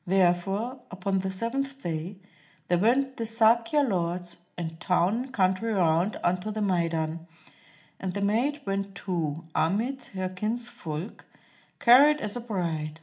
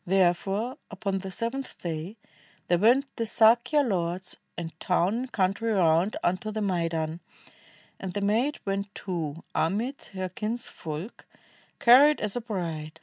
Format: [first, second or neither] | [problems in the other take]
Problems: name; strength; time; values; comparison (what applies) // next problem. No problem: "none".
second | room echo; dies away in 0.4 s